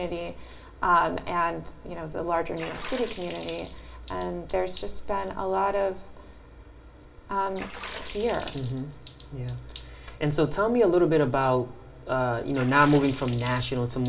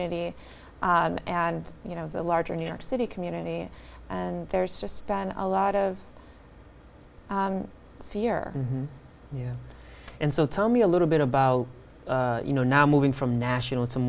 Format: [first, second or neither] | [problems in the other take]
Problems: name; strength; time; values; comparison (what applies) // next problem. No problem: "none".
second | background sound (Water / Splash, splatter); 20 dB below the speech // room echo; dies away in 0.7 s